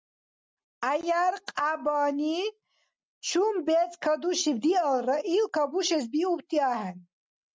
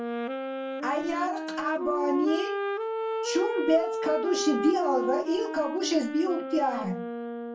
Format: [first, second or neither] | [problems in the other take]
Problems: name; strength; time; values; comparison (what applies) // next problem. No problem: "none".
first | background sound (Wind instrument, woodwind instrument); 3 dB below the speech // room echo; dies away in 0.2 s